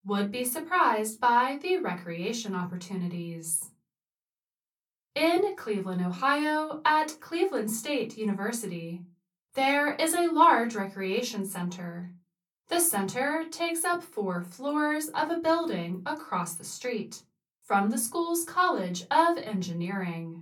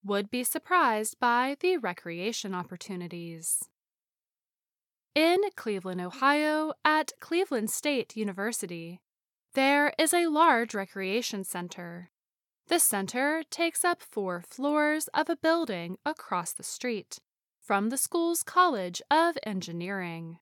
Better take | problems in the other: second | off-mic speech; far // room echo; very slight; dies away in 0.3 s

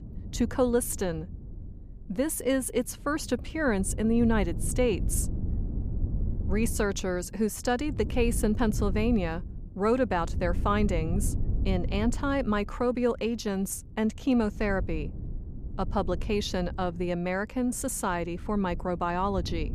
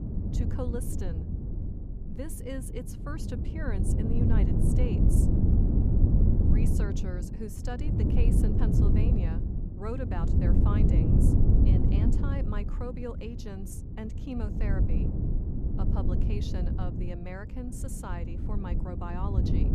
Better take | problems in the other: first | wind noise on the microphone; heavy; 2 dB above the speech; occasional gusts in the first

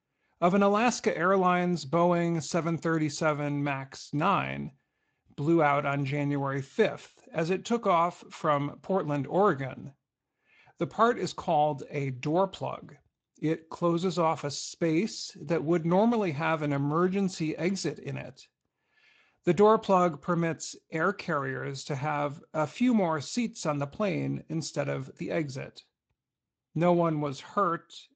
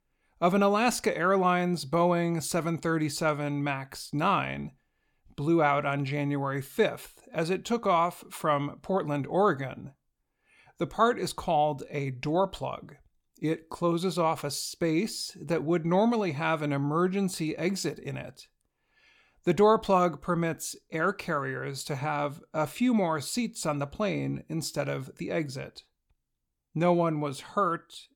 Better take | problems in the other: second | garbled, watery; slightly; nothing above 7.5 kHz

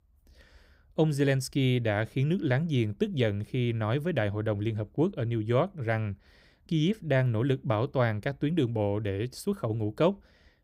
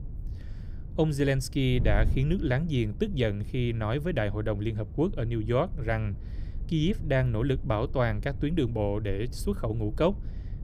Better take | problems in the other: first | wind noise on the microphone; occasional gusts; 20 dB below the speech

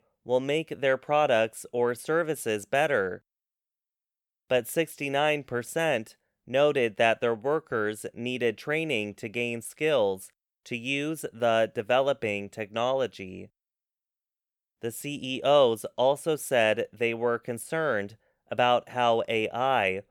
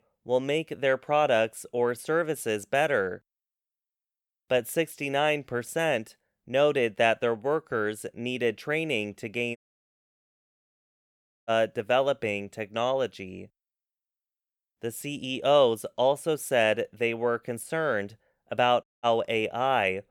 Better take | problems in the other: first | audio cutting out; at 9.5 s for 2 s and at 19 s

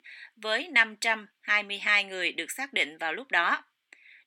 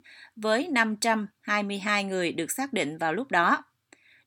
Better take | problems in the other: second | thin; somewhat; fading below 350 Hz

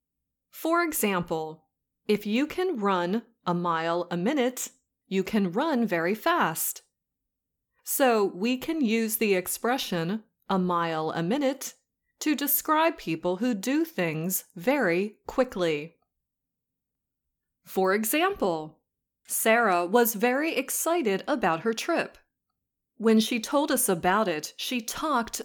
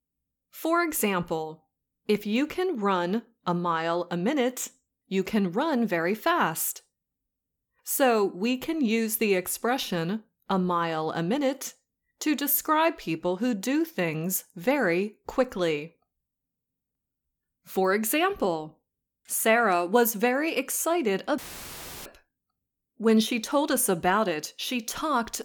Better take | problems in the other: first | audio cutting out; filled with static; at 21 s for 0.5 s

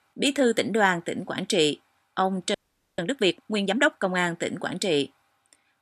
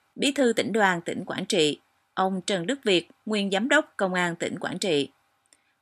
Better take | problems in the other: second | audio freezing; at 2.5 s

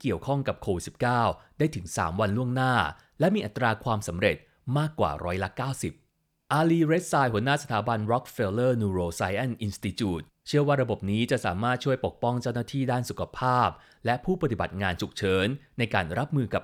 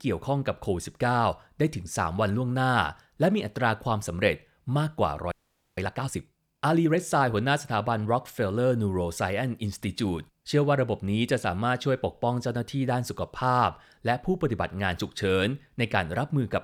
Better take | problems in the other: first | audio freezing; at 5.5 s

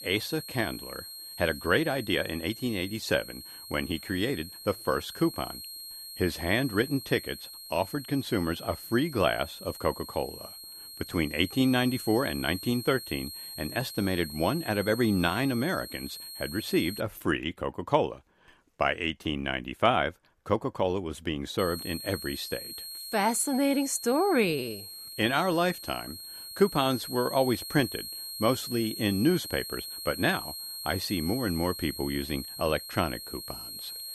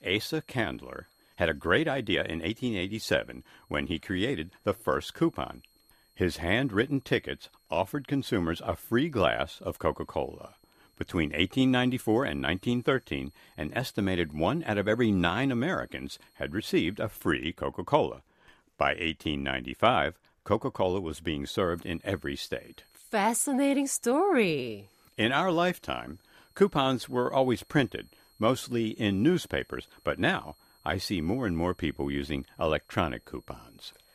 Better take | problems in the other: second | high-pitched whine; loud; until 17 s and from 22 s on; 4.5 kHz, 10 dB below the speech; faint in the second

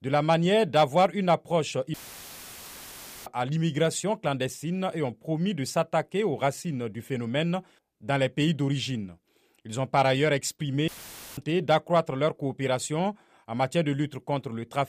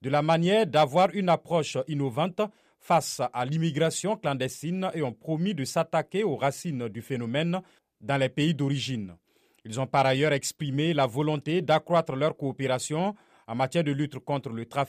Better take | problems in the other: second | audio cutting out; filled with static; at 2 s for 1.5 s and at 11 s

